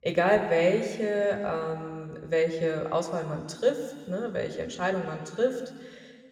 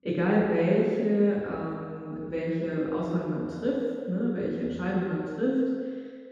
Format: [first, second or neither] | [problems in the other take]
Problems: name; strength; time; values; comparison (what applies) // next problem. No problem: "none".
first | room echo; strong; dies away in 1.8 s; slight in the first // off-mic speech; far